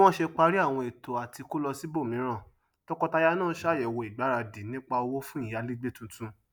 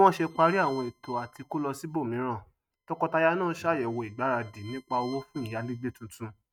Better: first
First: none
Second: noise reduction (neural mask model RNNoise)

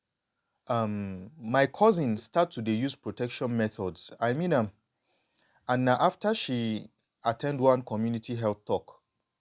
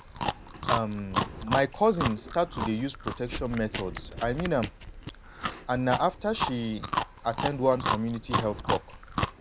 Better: first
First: none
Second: background sound (Chewing, mastication); 3 dB below the speech

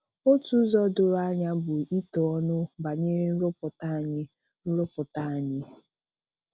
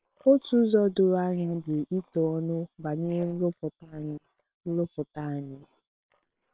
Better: first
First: none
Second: noise reduction (neural separator model SepFormer WHAM!)

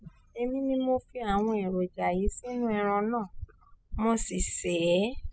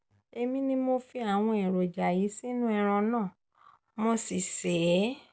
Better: second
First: noise reduction (classical method spectral subtraction)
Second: none

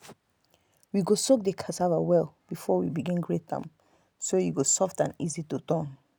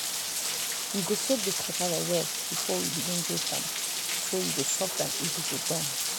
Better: first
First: none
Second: background sound (Rain); 3 dB above the speech

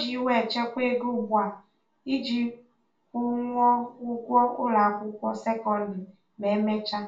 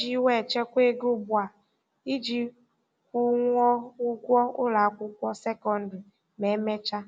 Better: second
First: room echo; dies away in 0.3 s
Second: none

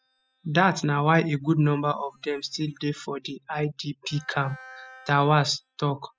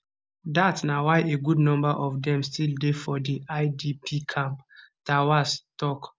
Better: second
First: noise reduction (classical method spectral subtraction)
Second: none

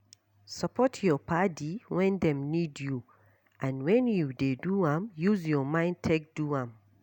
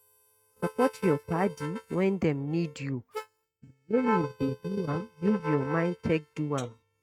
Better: first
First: none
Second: noise reduction (neural mask model RNNoise)

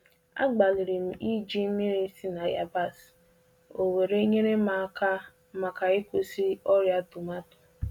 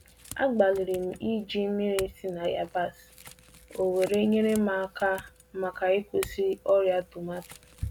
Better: first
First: none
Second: background sound (Chink, clink / Domestic sounds, home sounds); 20 dB below the speech

